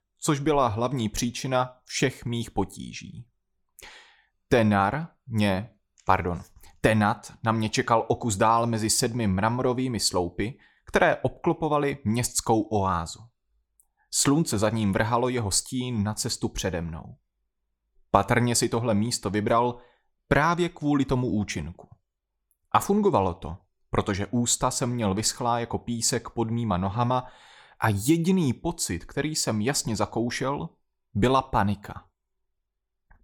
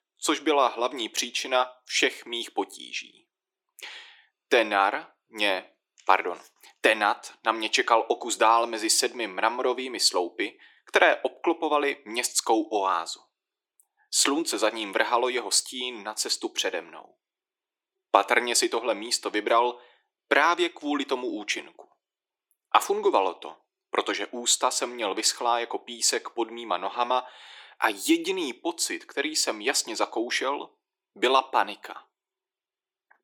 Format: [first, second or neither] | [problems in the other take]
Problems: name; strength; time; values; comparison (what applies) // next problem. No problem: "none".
first | thin; very; fading below 300 Hz